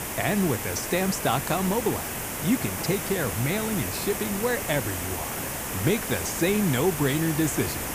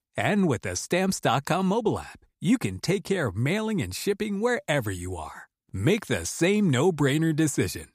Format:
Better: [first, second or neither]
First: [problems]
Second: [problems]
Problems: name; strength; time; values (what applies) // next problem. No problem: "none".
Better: second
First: hiss; loud; throughout; 3 dB below the speech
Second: none